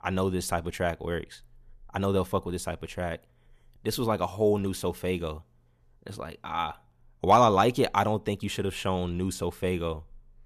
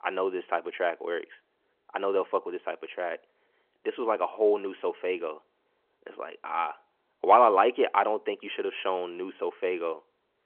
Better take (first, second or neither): first